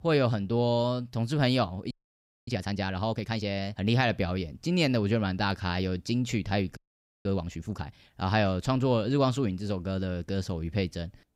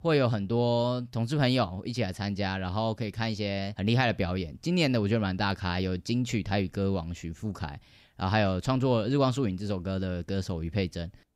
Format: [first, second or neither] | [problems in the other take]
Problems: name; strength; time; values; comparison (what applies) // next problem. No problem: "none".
second | audio freezing; at 2 s for 0.5 s and at 7 s